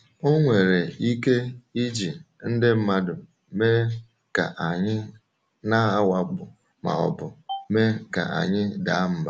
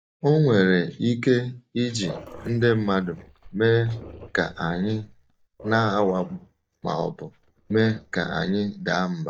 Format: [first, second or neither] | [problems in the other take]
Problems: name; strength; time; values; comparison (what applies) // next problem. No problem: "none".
first | noise reduction (neural mask model DeepFilterNet 3)